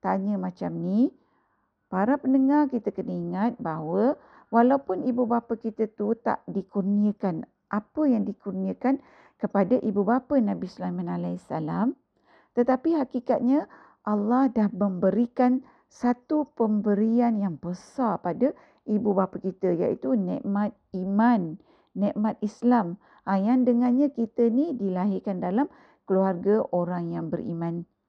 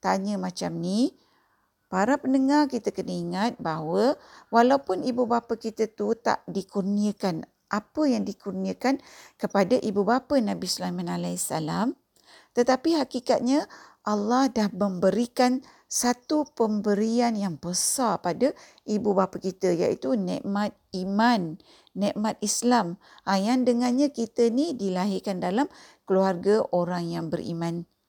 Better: second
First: muffled; very; fading above 1.5 kHz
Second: none

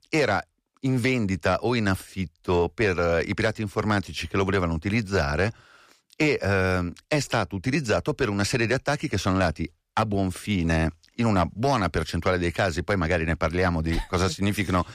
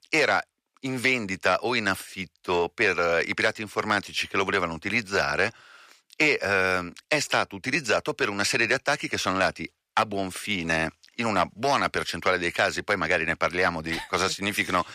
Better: first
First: none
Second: thin; somewhat; fading below 1 kHz

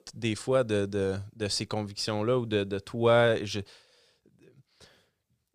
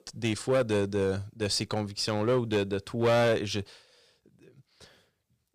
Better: first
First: none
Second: distortion; slight; 5% of the sound clipped

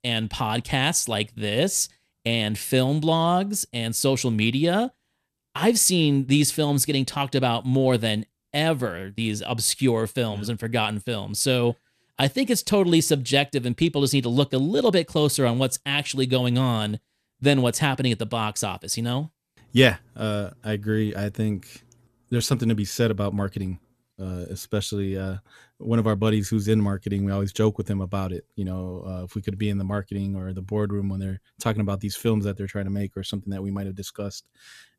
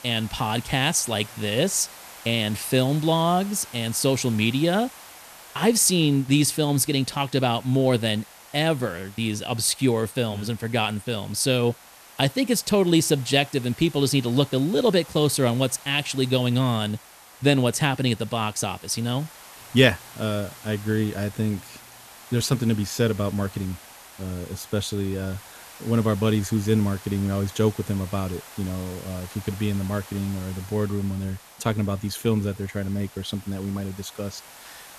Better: first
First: none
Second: hiss; noticeable; throughout; 20 dB below the speech

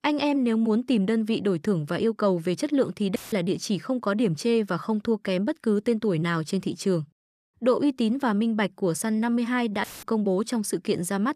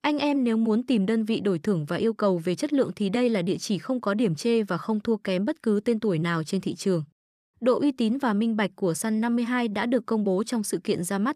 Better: second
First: audio cutting out; filled with static; at 3 s and at 10 s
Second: none

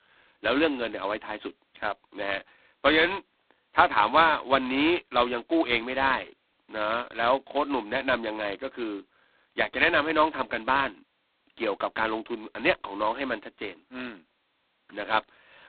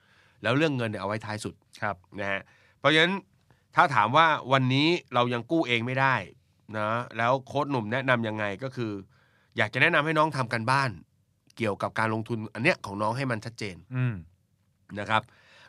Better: second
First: phone-call audio; poor line; nothing above 4 kHz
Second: none

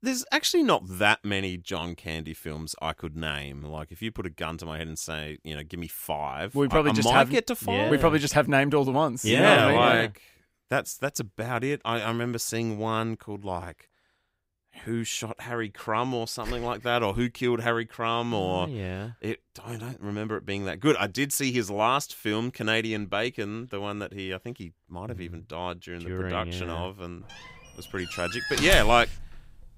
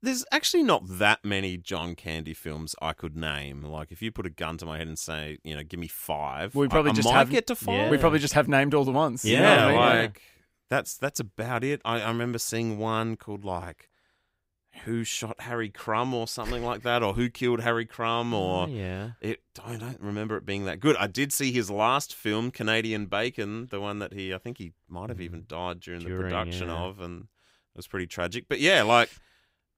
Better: second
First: door banging; noticeable; at 28 s; peak 1 dB below the speech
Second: none

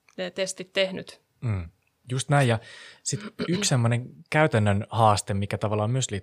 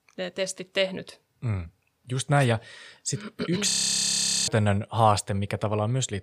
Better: first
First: none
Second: audio freezing; at 3.5 s for 1 s

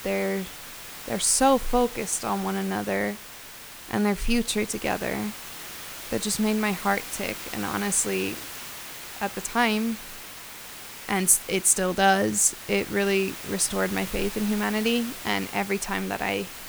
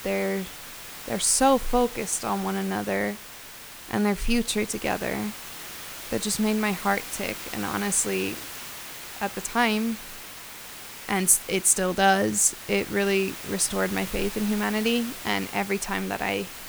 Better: neither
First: hiss; noticeable; throughout; 10 dB below the speech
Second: hiss; noticeable; throughout; 10 dB below the speech

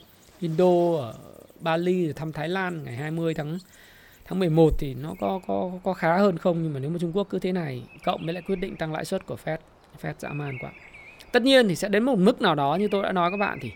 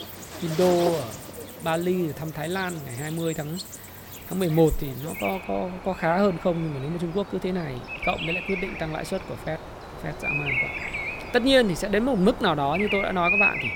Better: first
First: animal sounds; faint; throughout; 20 dB below the speech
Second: animal sounds; loud; throughout; 5 dB below the speech

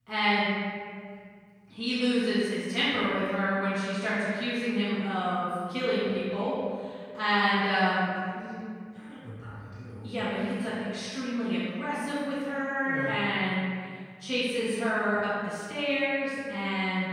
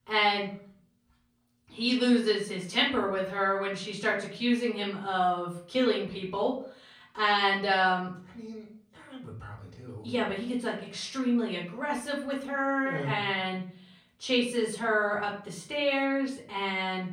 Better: second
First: room echo; strong; dies away in 2 s // off-mic speech; far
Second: room echo; slight; dies away in 0.5 s // off-mic speech; far

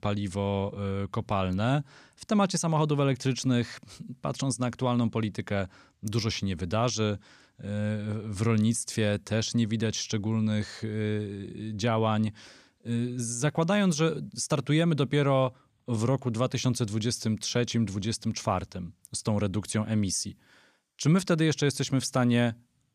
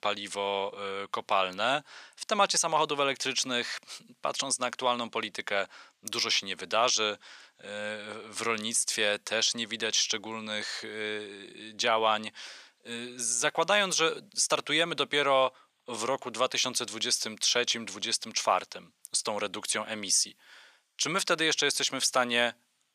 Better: first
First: none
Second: thin; very; fading below 650 Hz

